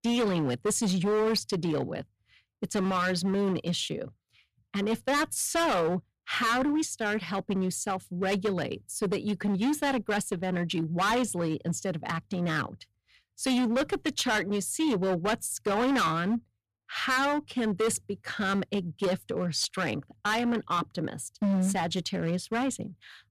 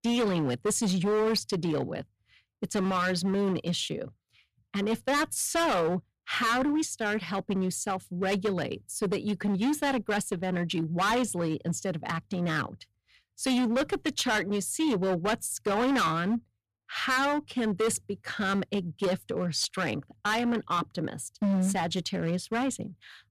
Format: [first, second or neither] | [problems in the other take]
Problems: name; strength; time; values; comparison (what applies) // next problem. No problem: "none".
neither | distortion; heavy; 14% of the sound clipped; the same in both